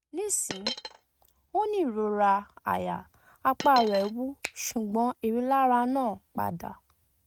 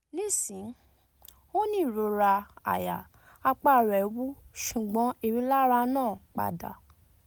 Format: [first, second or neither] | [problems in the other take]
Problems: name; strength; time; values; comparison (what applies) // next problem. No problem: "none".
second | noise reduction (neural mask model RNNoise)